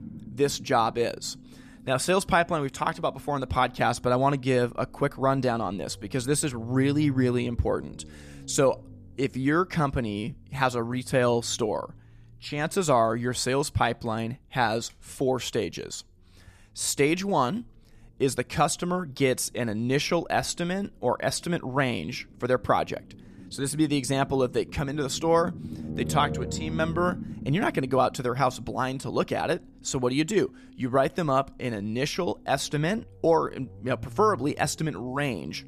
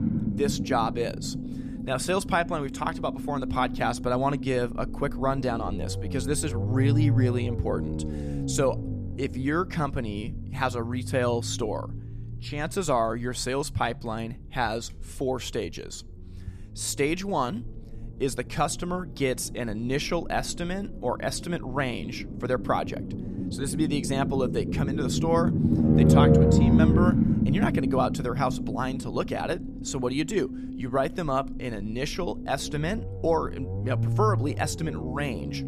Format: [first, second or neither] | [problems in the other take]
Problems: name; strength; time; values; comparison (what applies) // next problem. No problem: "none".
first | low rumble; loud; throughout; 5 dB below the speech; faint in the first